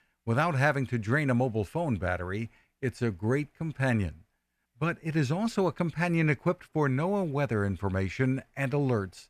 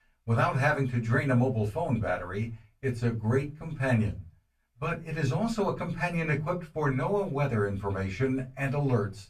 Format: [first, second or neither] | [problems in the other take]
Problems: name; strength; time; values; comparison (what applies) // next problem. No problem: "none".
first | off-mic speech; far // room echo; very slight; dies away in 0.2 s